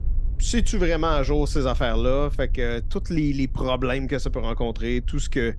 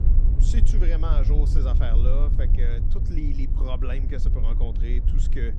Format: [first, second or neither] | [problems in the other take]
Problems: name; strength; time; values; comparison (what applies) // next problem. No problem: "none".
first | low rumble; loud; throughout; 5 dB below the speech; faint in the first